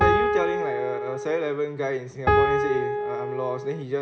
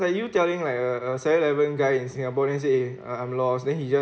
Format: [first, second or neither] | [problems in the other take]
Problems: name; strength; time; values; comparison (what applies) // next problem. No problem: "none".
second | background sound (Piano); 4 dB above the speech